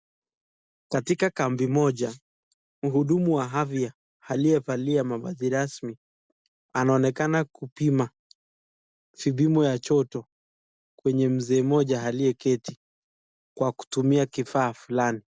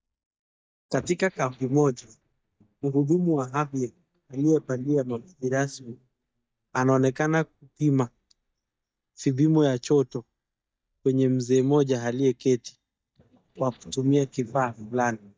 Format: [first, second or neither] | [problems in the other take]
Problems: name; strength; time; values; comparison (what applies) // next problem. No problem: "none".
first | noise reduction (neural mask model DeepFilterNet 3)